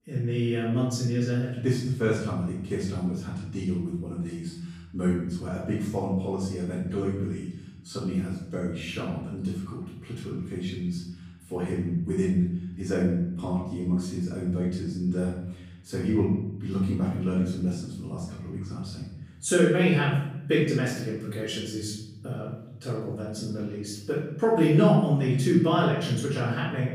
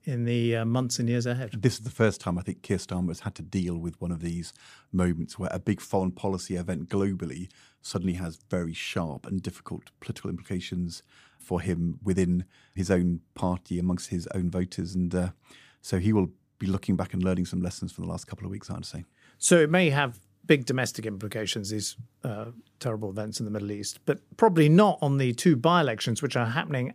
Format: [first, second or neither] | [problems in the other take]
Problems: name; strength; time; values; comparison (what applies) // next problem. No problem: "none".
second | room echo; noticeable; dies away in 0.9 s // off-mic speech; far